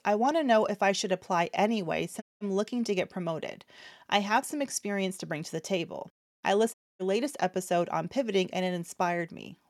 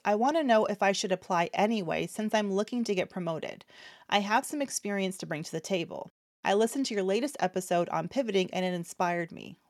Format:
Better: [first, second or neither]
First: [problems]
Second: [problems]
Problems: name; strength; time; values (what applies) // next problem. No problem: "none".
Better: second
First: audio cutting out; at 2 s and at 6.5 s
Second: none